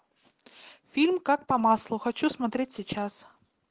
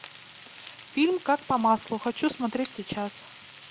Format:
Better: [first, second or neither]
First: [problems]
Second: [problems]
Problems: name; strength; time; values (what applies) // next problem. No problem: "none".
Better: first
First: none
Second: background sound (Frying (food)); 19 dB below the speech